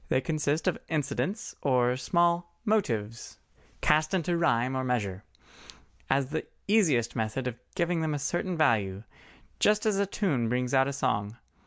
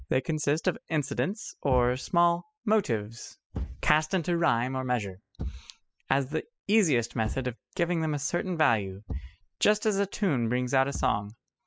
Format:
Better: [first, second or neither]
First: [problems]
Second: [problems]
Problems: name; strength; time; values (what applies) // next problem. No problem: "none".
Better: first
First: none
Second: noise reduction (classical method spectral subtraction)